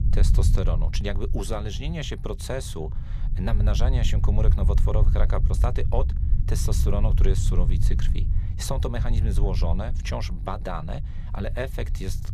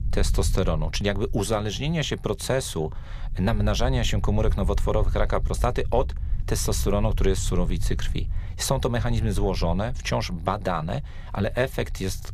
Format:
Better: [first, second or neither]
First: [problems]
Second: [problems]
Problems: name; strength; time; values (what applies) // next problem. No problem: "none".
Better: second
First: low rumble; loud; throughout; 9 dB below the speech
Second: low rumble; faint; throughout; 20 dB below the speech